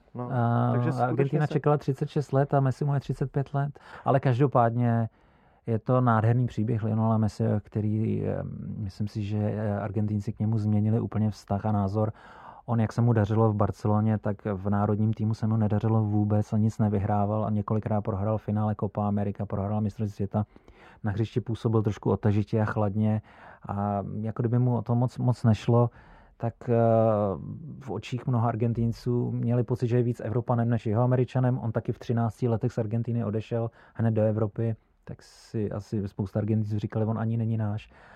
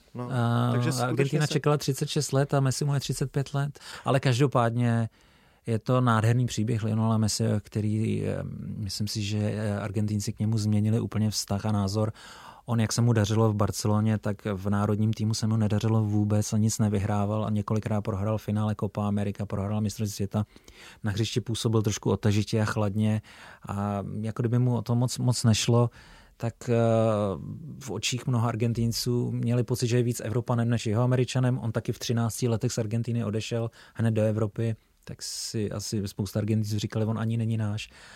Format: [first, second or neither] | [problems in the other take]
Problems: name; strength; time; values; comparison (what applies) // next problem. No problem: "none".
second | muffled; very; fading above 3 kHz